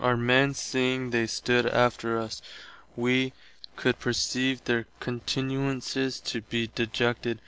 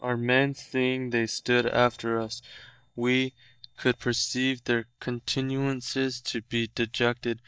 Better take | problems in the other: first | noise reduction (neural mask model DeepFilterNet 3)

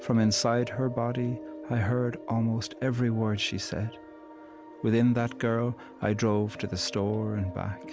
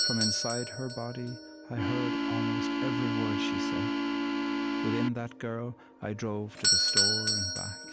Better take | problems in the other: first | background sound (Doorbell + Organ); 5 dB above the speech

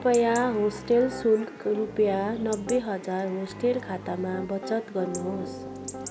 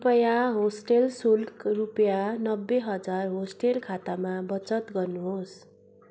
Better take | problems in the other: second | background sound (Piano + Chatter / Chirp, tweet / Livestock, farm animals, working animals); 12 dB below the speech

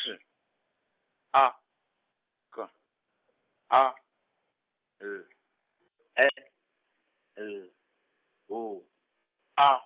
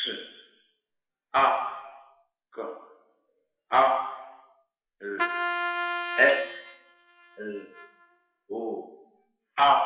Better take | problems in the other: first | noise reduction (classical method WPE with log-MMSE)

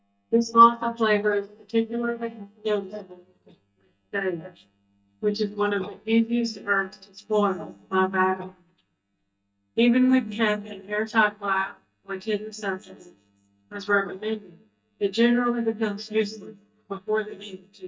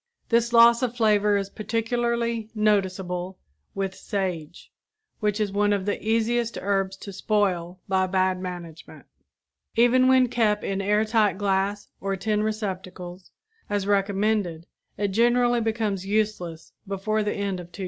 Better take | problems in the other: second | noise reduction (neural mask model DeepFilterNet 3)

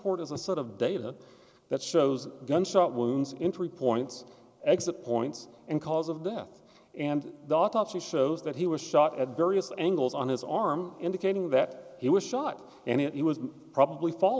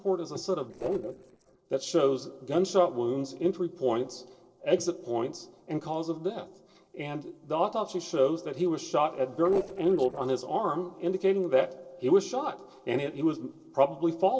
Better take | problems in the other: first | noise reduction (neural separator model SepFormer DNS4)

